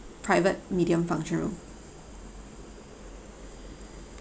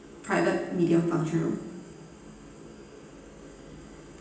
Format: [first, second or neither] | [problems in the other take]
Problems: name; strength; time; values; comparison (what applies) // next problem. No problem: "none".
first | room echo; dies away in 0.9 s